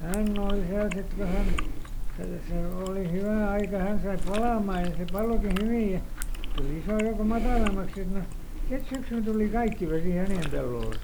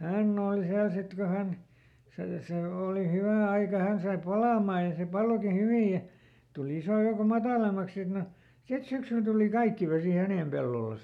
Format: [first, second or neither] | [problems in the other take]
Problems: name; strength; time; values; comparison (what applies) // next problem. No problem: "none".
second | background sound (Chewing, mastication); 1 dB above the speech